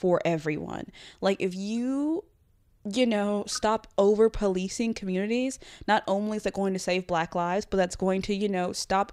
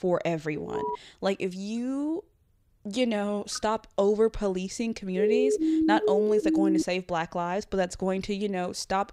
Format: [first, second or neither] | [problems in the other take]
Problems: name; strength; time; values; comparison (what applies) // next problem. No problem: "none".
first | alarm; noticeable; at 0.5 s; peak 4 dB below the speech // siren; loud; from 5 to 7 s; peak 5 dB above the speech